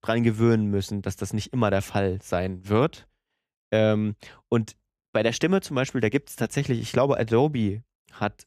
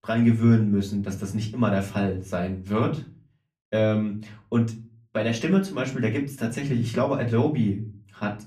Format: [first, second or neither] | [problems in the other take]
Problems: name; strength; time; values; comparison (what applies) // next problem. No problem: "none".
first | off-mic speech; far // room echo; very slight; dies away in 0.3 s